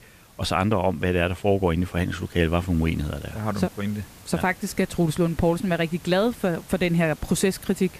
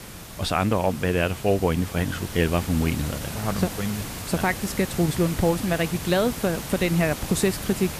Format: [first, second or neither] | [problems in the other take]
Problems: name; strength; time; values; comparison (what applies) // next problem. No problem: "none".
first | hiss; loud; throughout; 9 dB below the speech; faint in the first